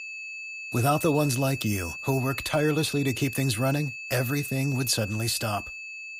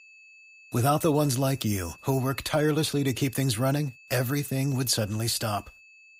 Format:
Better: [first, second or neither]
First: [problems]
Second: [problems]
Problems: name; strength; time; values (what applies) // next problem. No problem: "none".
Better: second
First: high-pitched whine; loud; throughout; 2.5 kHz, 9 dB below the speech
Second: high-pitched whine; faint; throughout; 2.5 kHz, 25 dB below the speech